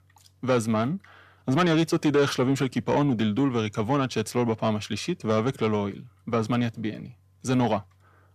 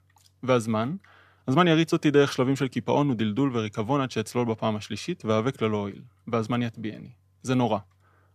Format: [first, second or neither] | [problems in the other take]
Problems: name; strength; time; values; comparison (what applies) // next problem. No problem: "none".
second | distortion; slight; 10 dB below the speech